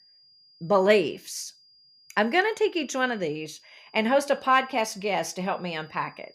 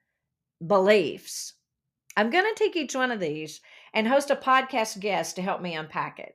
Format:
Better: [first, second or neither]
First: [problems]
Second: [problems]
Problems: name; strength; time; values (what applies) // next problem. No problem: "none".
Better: second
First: high-pitched whine; faint; throughout; 5 kHz, 30 dB below the speech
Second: none